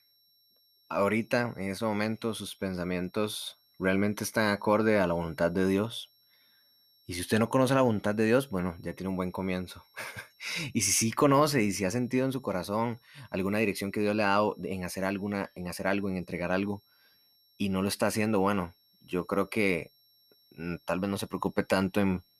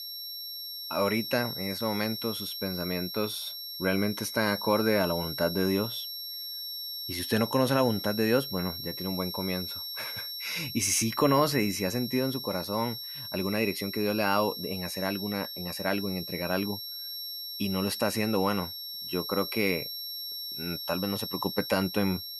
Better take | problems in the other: first | high-pitched whine; loud; throughout; 5.5 kHz, 6 dB below the speech; faint in the first

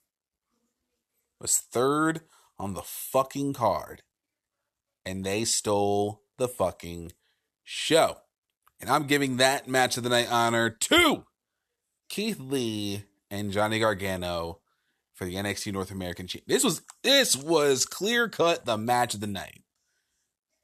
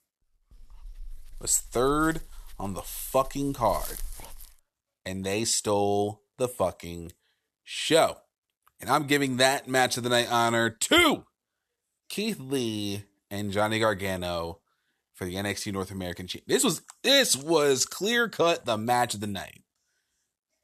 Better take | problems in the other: first | dog barking; faint; from 0.5 to 4.5 s; peak 10 dB below the speech

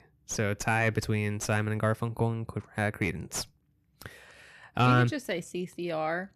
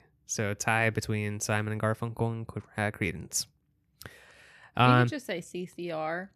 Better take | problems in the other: second | distortion; slight; 10 dB below the speech

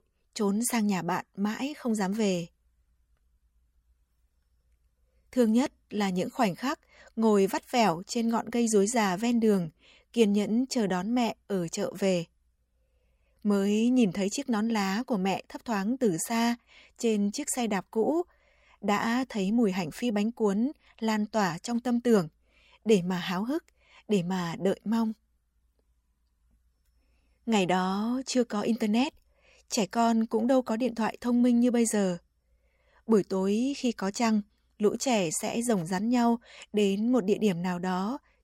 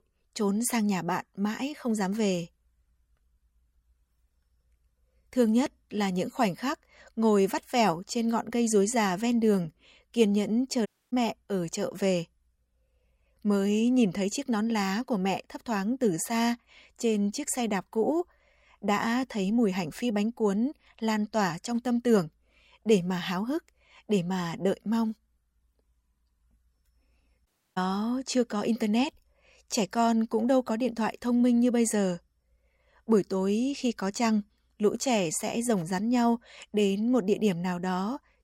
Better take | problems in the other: first | audio cutting out; at 11 s and at 27 s

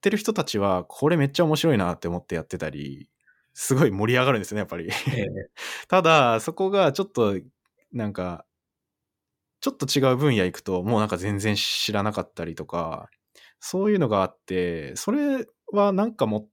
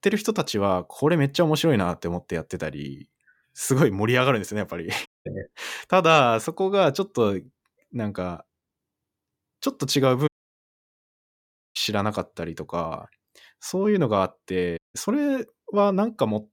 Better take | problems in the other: first | audio cutting out; at 5 s, at 10 s for 1.5 s and at 15 s

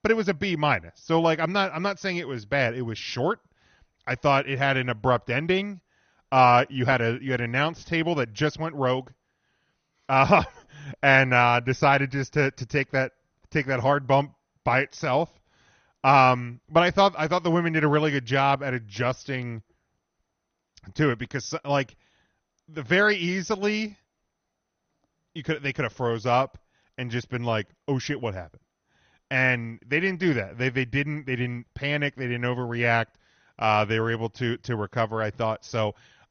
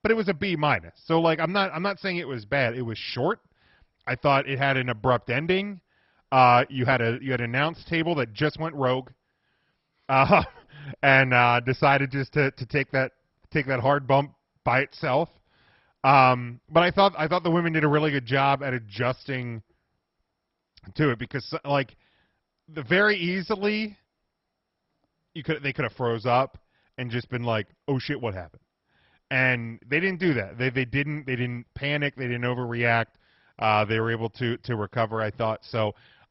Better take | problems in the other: first | garbled, watery; badly; nothing above 5.5 kHz; slightly in the first

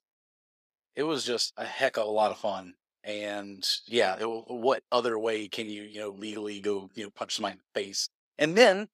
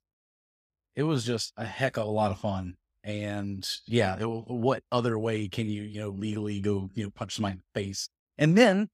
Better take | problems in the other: second | thin; somewhat; fading below 450 Hz

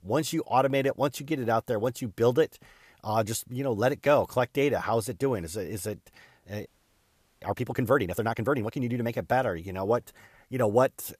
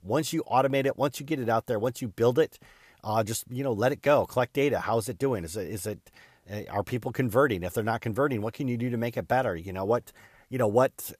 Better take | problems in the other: second | audio freezing; at 6.5 s for 1 s

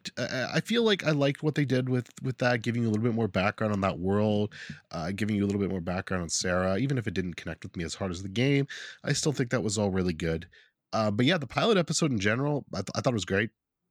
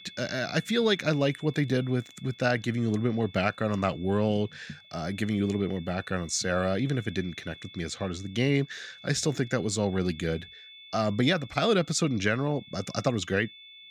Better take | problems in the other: first | high-pitched whine; noticeable; throughout; 3.5 kHz, 20 dB below the speech

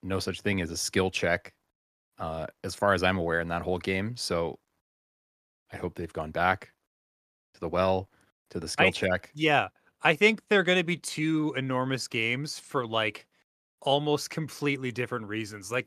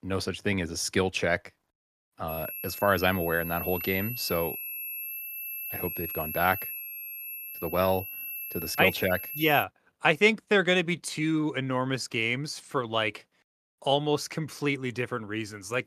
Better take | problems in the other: first | high-pitched whine; loud; from 2.5 to 9.5 s; 11.5 kHz, 7 dB below the speech

